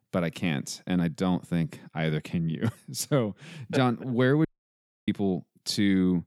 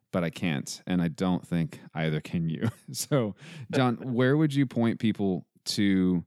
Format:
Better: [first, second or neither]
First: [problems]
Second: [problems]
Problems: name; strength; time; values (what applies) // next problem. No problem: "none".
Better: second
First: audio cutting out; at 4.5 s for 0.5 s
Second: none